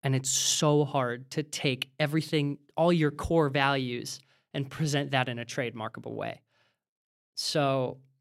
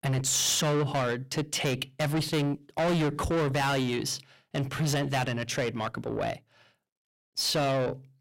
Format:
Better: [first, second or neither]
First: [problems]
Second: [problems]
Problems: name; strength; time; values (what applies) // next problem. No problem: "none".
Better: first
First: none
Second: distortion; heavy; 5 dB below the speech